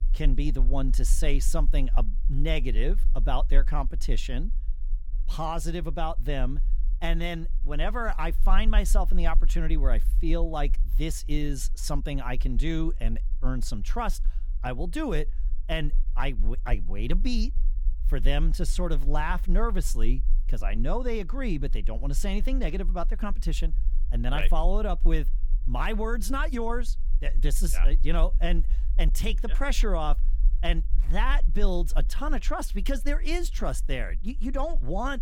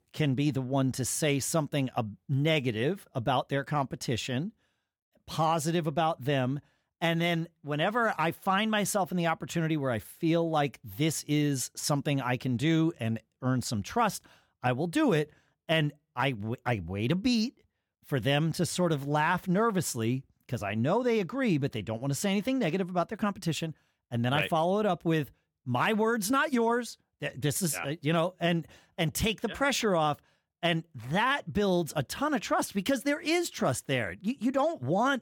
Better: second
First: low rumble; faint; throughout; 25 dB below the speech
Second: none

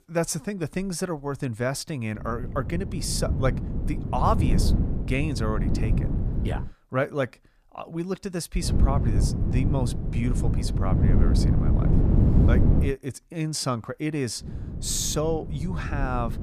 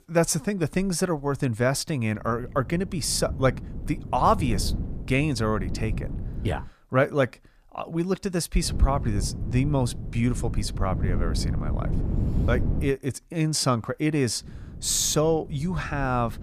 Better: second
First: wind noise on the microphone; heavy; from 2 to 6.5 s, from 8.5 to 13 s and from 14 s on; 5 dB below the speech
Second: wind noise on the microphone; occasional gusts; from 2 to 6.5 s, from 8.5 to 13 s and from 14 s on; 15 dB below the speech

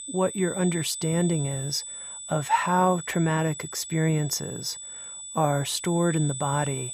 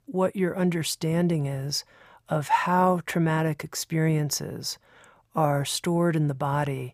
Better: second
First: high-pitched whine; loud; throughout; 8 kHz, 9 dB below the speech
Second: none

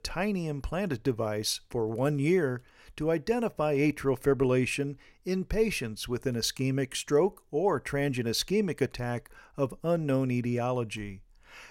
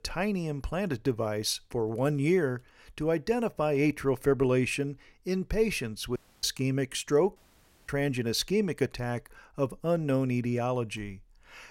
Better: first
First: none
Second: audio cutting out; at 6 s and at 7.5 s for 0.5 s

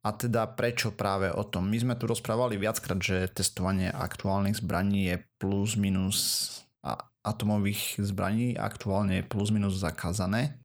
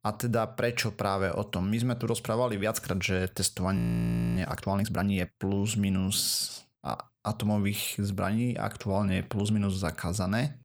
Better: first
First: none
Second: audio freezing; at 4 s for 0.5 s

